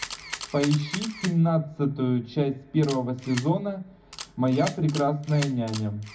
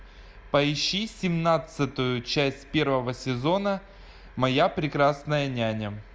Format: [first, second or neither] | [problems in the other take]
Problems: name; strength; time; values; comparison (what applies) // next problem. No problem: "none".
second | background sound (Camera); 14 dB below the speech // room echo; dies away in 0.4 s